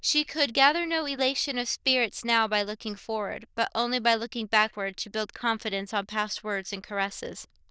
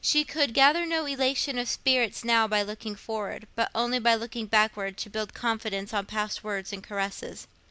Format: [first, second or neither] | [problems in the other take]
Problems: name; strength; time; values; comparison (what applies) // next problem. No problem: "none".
second | noise reduction (neural diffusion model UNIVERSE++)